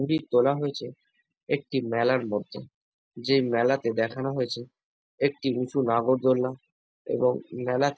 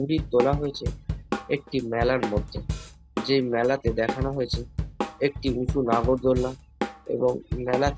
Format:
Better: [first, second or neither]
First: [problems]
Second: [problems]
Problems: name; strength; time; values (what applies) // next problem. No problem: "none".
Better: first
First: none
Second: background sound (Drum kit); 5 dB below the speech